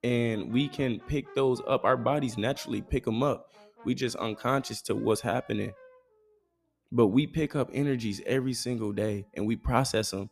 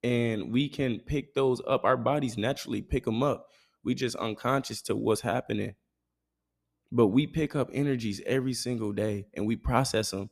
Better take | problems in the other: second | background music; faint; throughout; 25 dB below the speech

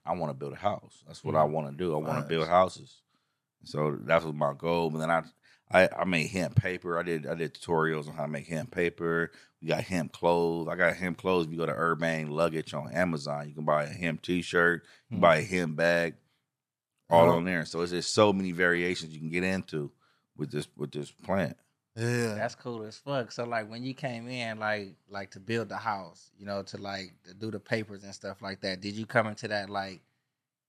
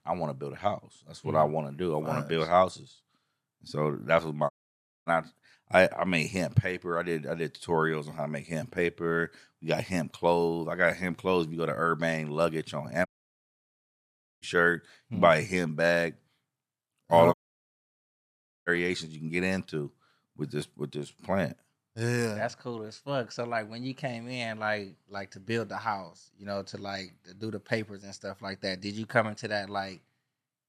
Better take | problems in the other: first | audio cutting out; at 4.5 s for 0.5 s, at 13 s for 1.5 s and at 17 s for 1.5 s

